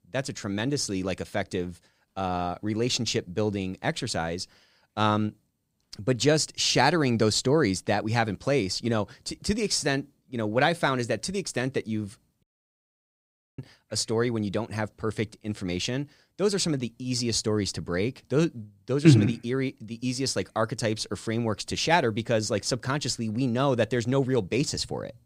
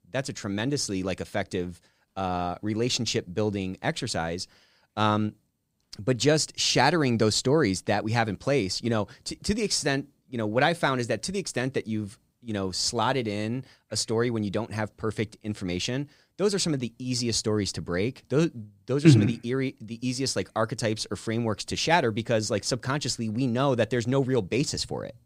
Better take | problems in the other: second | audio cutting out; at 12 s for 1 s

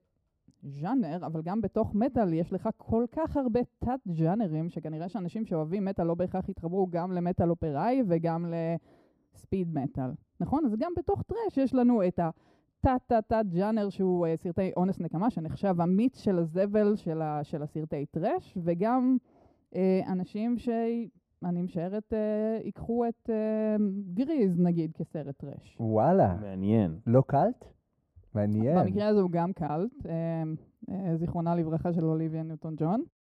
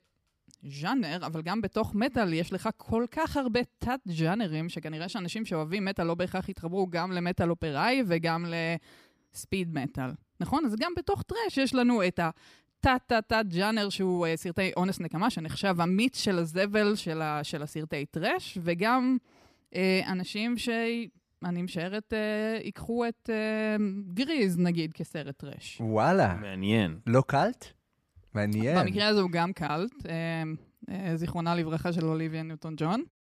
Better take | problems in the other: second | muffled; very; fading above 1 kHz

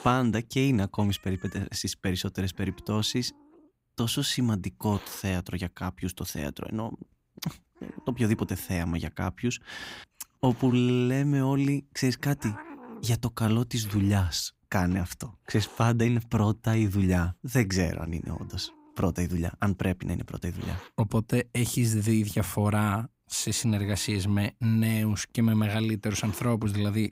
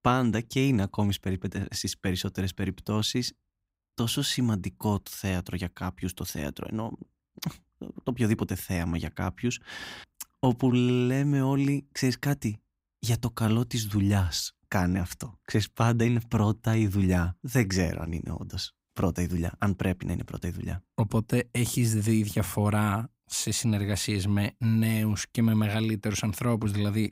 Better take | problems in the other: second | hiss; faint; throughout; 20 dB below the speech

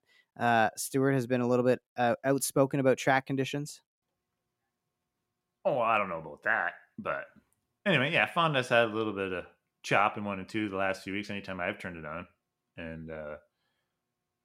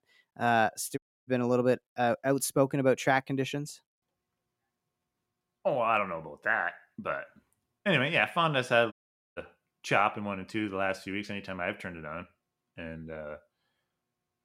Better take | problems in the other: first | audio cutting out; at 1 s and at 9 s

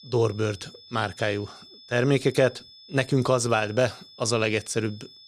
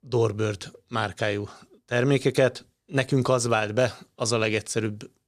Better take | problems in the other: second | high-pitched whine; faint; throughout; 5 kHz, 20 dB below the speech

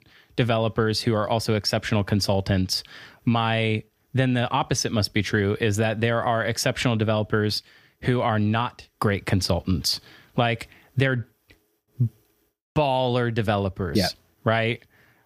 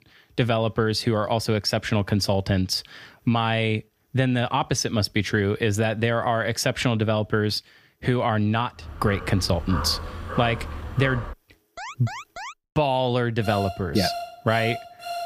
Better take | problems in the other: first | dog barking; noticeable; from 9 to 11 s; peak 7 dB below the speech // alarm; faint; at 12 s; peak 10 dB below the speech // alarm; noticeable; from 13 s on; peak 8 dB below the speech

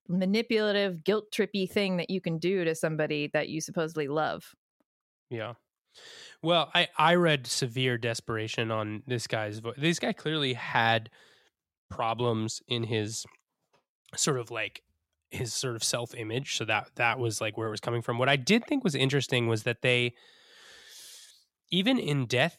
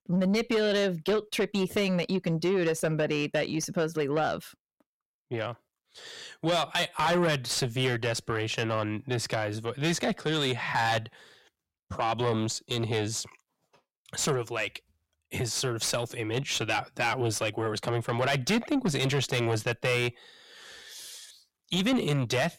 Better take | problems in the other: first | distortion; heavy; 7 dB below the speech

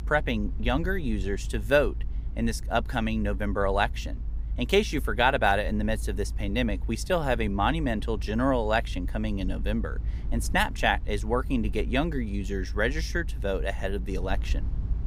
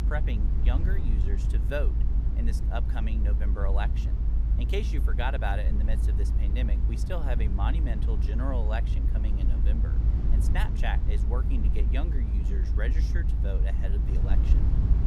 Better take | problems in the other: first | low rumble; loud; throughout; 6 dB below the speech; faint in the first

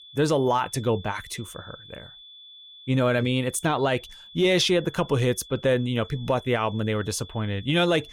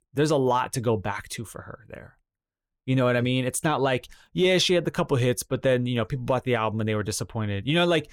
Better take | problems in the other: second | high-pitched whine; noticeable; throughout; 3.5 kHz, 20 dB below the speech

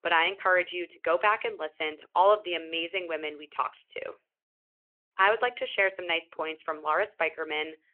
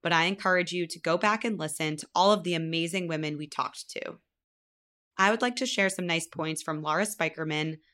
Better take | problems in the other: second | phone-call audio

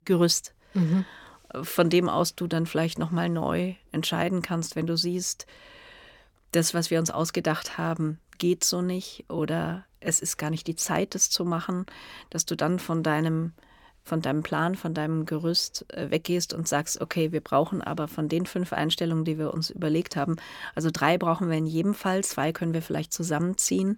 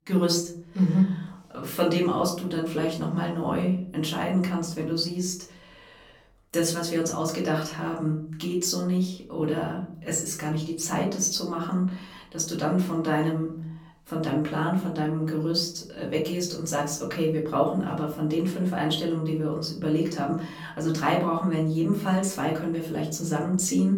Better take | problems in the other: first | off-mic speech; far // room echo; slight; dies away in 0.4 s

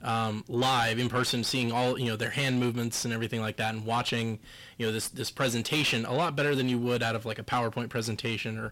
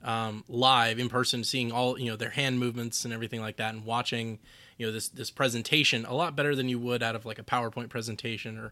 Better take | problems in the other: second | distortion; heavy; 7 dB below the speech

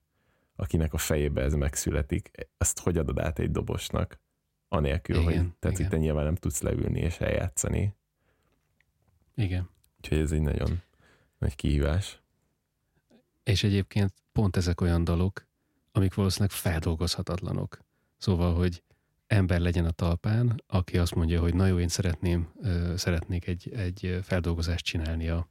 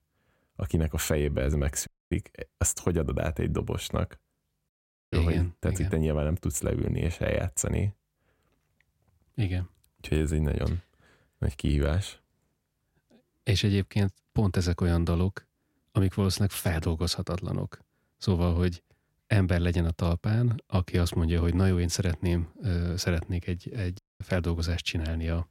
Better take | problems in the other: first | audio cutting out; at 2 s, at 4.5 s and at 24 s

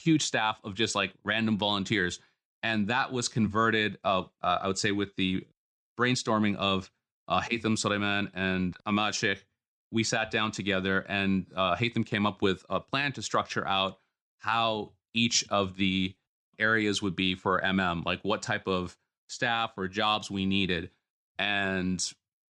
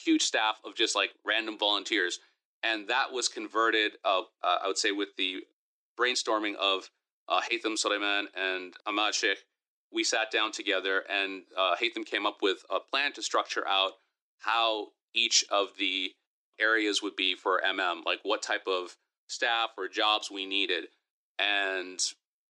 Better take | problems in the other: first | thin; very; fading below 300 Hz

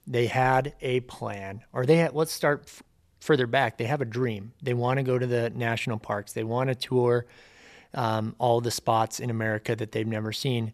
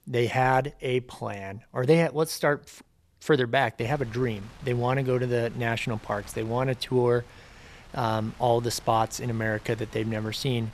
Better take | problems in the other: first | wind noise on the microphone; occasional gusts; from 4 s on; 25 dB below the speech

